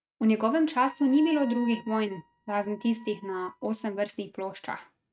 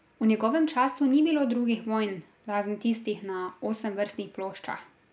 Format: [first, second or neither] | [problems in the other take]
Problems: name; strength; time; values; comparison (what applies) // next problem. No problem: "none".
second | noise reduction (neural mask model RNNoise)